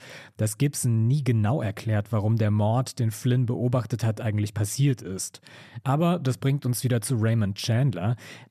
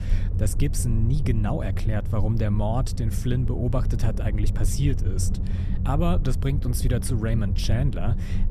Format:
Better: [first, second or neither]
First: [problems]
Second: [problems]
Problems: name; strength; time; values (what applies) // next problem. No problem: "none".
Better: first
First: none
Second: low rumble; loud; throughout; 9 dB below the speech